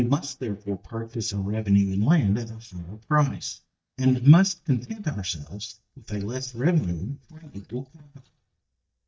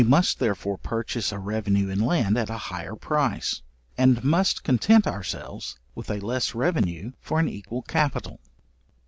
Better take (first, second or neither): second